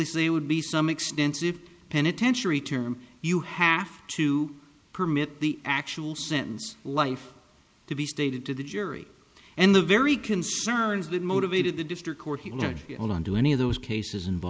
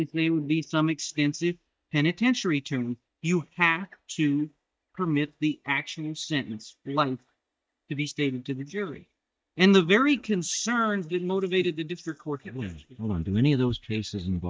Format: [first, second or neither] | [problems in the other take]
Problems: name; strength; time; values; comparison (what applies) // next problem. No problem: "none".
first | noise reduction (neural mask model DeepFilterNet 3)